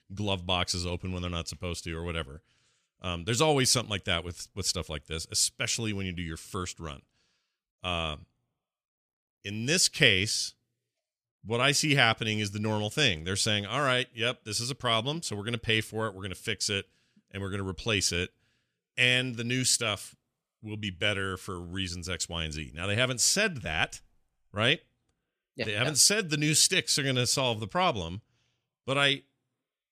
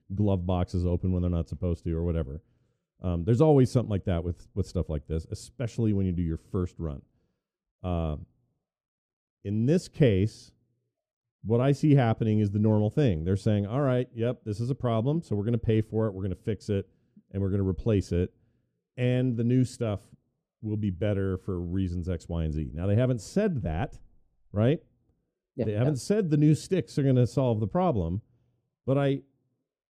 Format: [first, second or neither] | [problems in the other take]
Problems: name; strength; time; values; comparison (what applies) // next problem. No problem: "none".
first | muffled; very; fading above 1 kHz